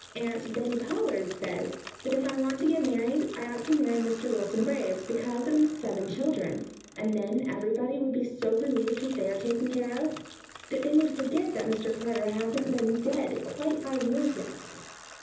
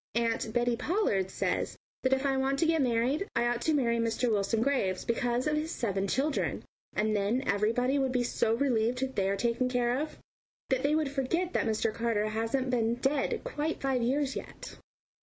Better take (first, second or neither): second